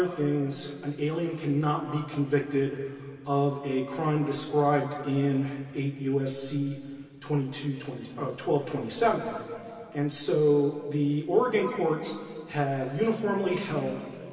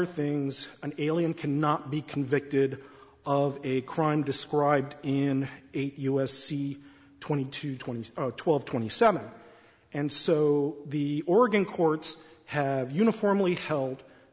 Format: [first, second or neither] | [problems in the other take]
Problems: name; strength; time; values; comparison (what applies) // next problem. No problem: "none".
second | room echo; dies away in 2.5 s